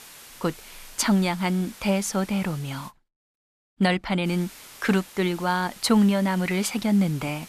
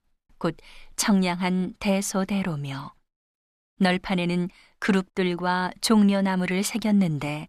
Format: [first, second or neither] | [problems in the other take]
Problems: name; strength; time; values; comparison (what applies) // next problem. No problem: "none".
second | hiss; noticeable; until 3 s and from 4.5 s on; 20 dB below the speech